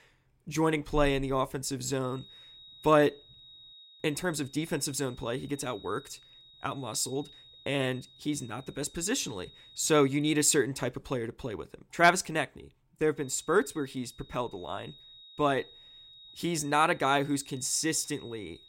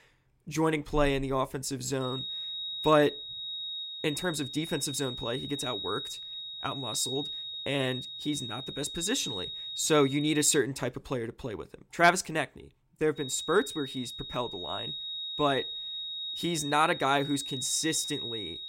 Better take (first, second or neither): first